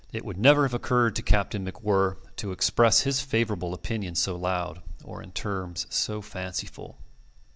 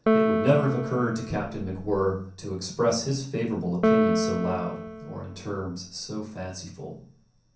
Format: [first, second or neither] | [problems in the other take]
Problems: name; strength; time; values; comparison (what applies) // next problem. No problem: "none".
first | background sound (Piano); 1 dB below the speech // room echo; dies away in 0.6 s